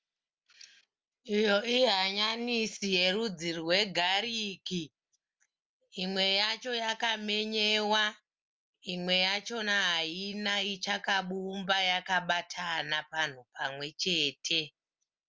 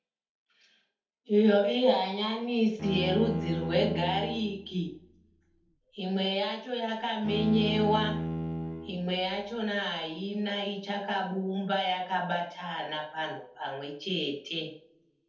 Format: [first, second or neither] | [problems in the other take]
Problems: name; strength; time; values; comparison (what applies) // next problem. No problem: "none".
first | background sound (Bowed string instrument); 5 dB below the speech // room echo; dies away in 0.6 s